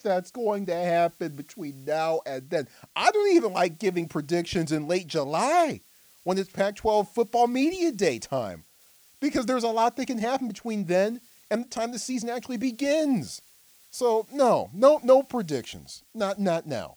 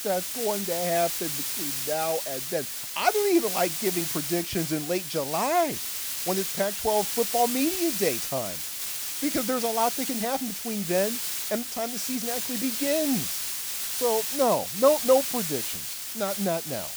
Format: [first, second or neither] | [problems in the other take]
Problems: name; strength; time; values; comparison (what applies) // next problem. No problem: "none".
first | hiss; loud; throughout; 1 dB below the speech; faint in the first